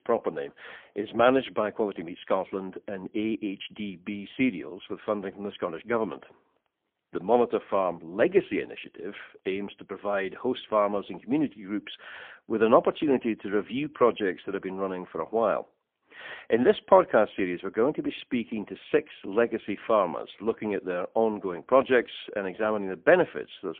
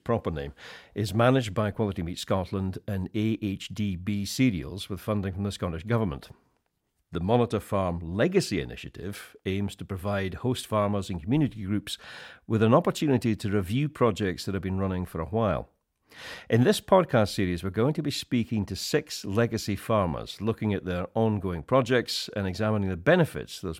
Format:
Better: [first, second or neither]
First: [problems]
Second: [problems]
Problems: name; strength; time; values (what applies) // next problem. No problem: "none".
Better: second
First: phone-call audio; poor line; nothing above 3.5 kHz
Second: none